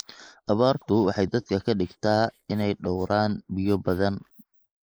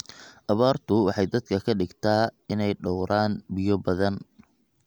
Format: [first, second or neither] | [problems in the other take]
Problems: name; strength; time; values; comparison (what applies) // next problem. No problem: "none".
second | noise reduction (neural mask model Resemble Enhance denoiser)